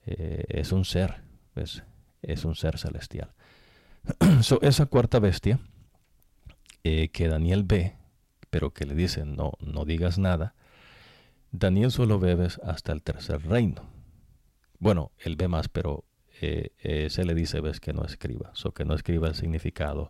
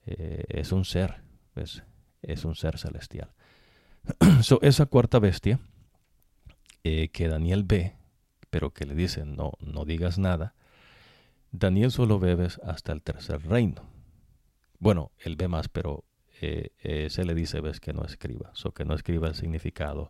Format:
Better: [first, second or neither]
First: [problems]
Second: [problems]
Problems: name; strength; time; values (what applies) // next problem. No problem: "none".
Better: second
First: distortion; slight; 10 dB below the speech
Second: none